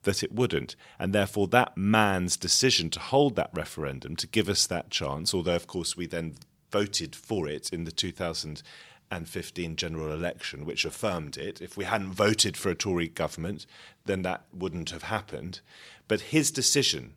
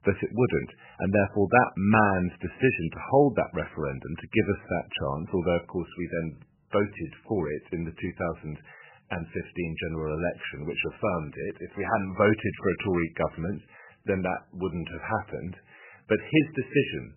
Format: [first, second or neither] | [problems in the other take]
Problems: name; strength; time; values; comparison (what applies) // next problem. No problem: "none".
first | garbled, watery; badly; nothing above 3 kHz